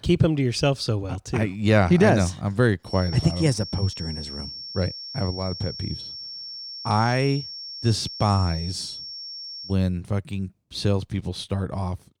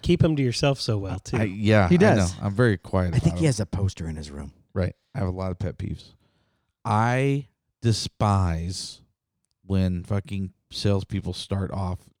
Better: second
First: high-pitched whine; loud; from 3 to 9.5 s; 5.5 kHz, 9 dB below the speech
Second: none

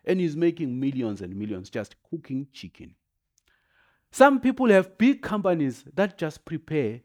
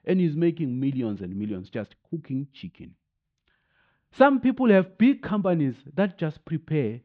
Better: first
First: none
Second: muffled; slightly; fading above 3.5 kHz

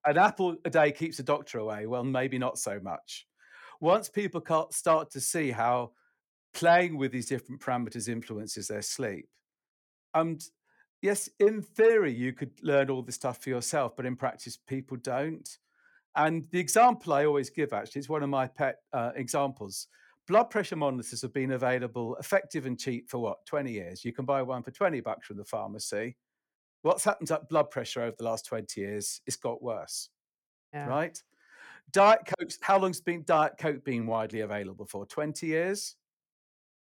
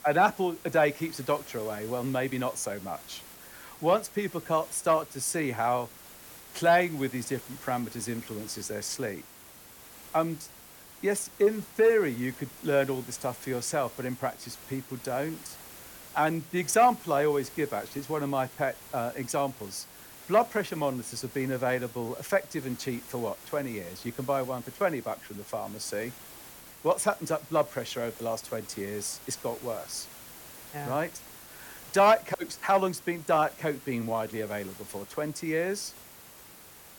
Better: first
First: none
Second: hiss; noticeable; throughout; 15 dB below the speech

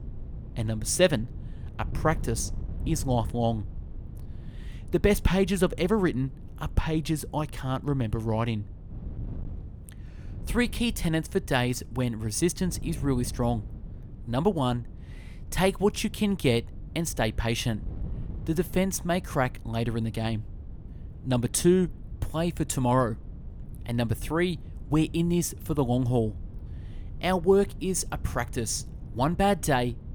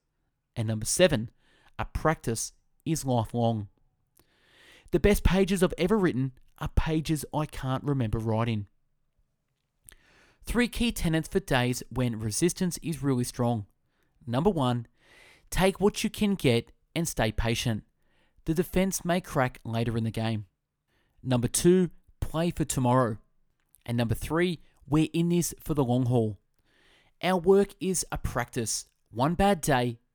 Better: second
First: wind noise on the microphone; occasional gusts; 25 dB below the speech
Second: none

